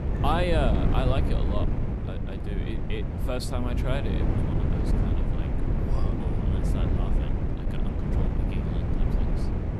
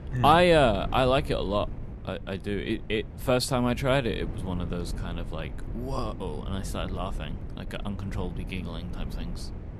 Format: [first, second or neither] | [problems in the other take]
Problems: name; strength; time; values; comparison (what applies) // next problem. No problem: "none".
second | wind noise on the microphone; heavy; 4 dB below the speech; occasional gusts in the second